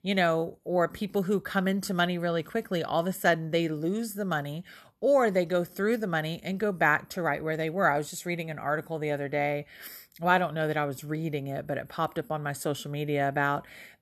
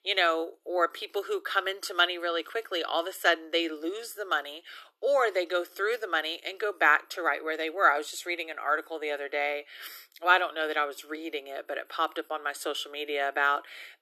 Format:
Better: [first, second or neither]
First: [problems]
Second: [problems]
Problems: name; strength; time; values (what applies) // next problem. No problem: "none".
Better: first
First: none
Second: thin; very; fading below 300 Hz